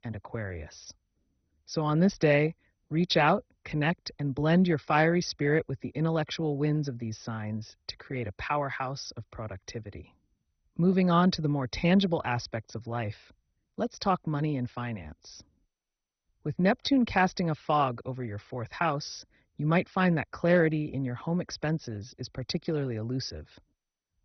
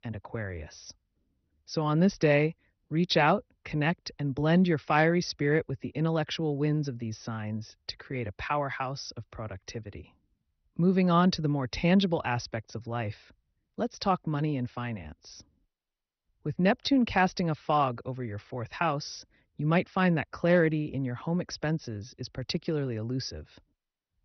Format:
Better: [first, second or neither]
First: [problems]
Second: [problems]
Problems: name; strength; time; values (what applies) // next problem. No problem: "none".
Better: second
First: garbled, watery; badly; nothing above 6 kHz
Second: garbled, watery; slightly; nothing above 6 kHz